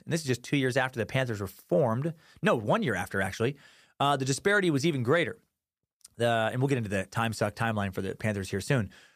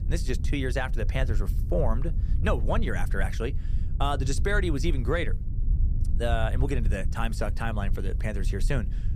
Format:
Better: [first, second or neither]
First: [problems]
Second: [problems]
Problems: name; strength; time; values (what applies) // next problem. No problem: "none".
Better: first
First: none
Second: low rumble; noticeable; throughout; 15 dB below the speech